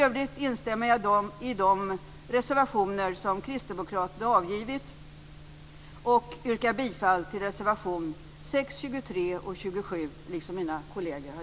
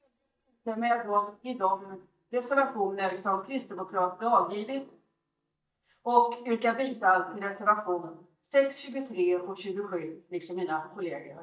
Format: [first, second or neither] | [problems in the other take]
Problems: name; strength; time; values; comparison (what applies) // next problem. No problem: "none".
first | noise reduction (neural mask model DeepFilterNet 3)